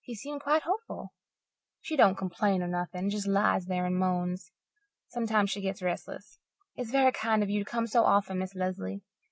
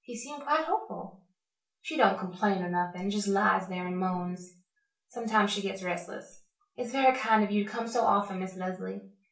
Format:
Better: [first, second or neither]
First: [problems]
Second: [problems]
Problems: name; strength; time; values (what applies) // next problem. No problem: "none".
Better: first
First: none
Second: room echo; dies away in 0.3 s